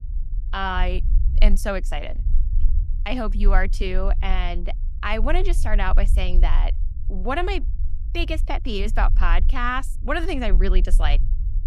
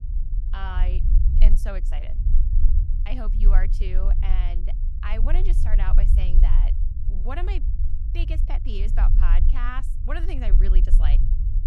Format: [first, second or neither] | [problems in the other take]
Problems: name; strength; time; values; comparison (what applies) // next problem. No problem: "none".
first | low rumble; loud; throughout; 8 dB below the speech; faint in the first